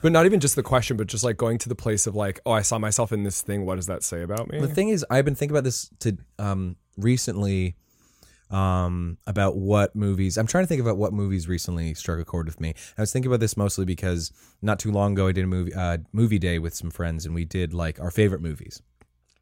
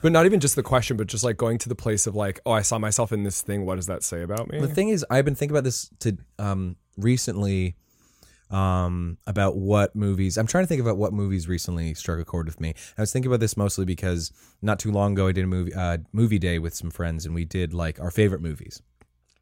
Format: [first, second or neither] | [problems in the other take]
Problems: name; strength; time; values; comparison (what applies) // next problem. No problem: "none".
neither | none